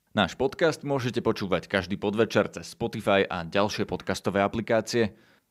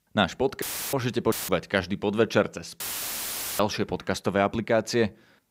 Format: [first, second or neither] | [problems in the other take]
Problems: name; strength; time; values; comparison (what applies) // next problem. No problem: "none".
first | audio cutting out; filled with static; at 0.5 s, at 1.5 s and at 3 s for 1 s